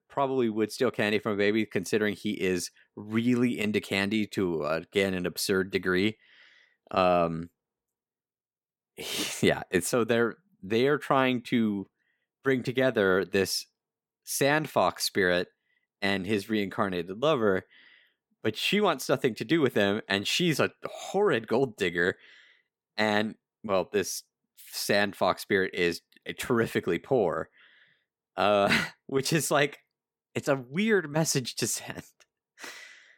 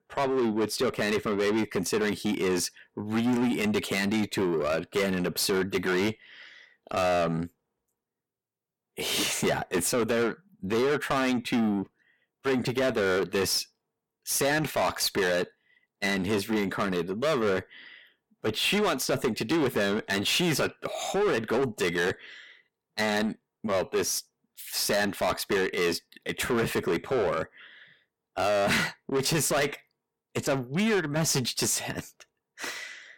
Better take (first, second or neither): first